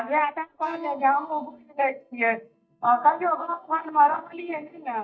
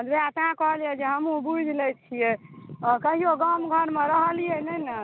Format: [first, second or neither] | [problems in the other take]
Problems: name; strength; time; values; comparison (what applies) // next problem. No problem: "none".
second | noise reduction (neural mask model DeepFilterNet 3)